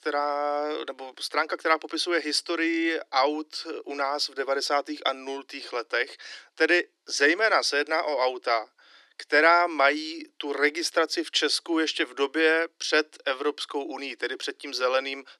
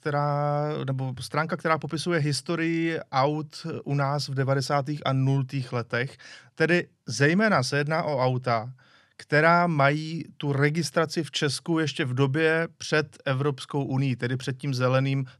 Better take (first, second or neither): second